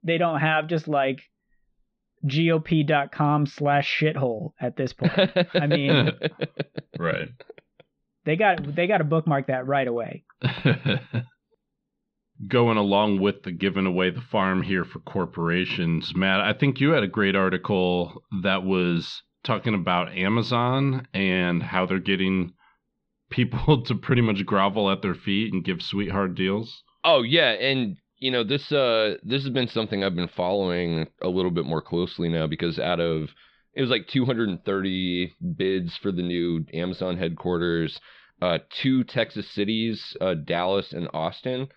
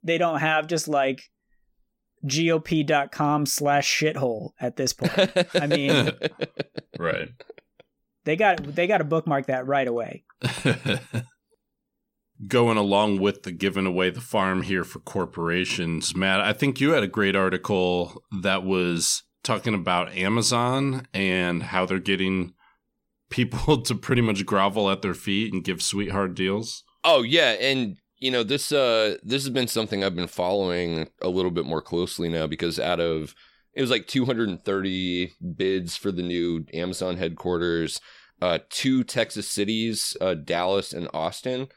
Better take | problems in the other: second | muffled; slightly; fading above 4 kHz

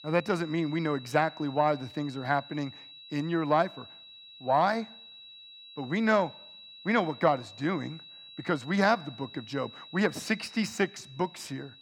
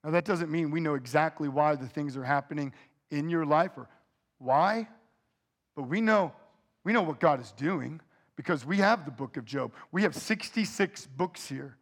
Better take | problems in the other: second | high-pitched whine; noticeable; throughout; 4 kHz, 15 dB below the speech

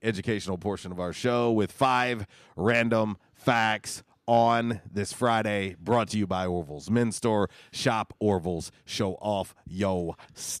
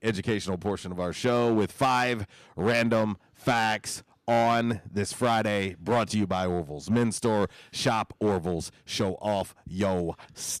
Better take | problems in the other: first | distortion; slight; 4% of the sound clipped

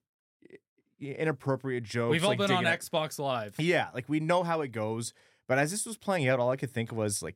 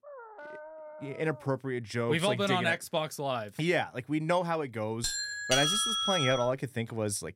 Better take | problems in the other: first | dog barking; faint; until 1.5 s; peak 15 dB below the speech // doorbell; loud; from 5 to 6.5 s; peak 5 dB above the speech

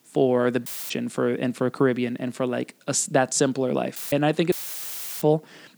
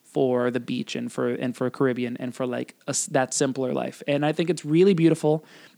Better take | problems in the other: second | audio cutting out; filled with static; at 0.5 s, at 4 s and at 4.5 s for 0.5 s

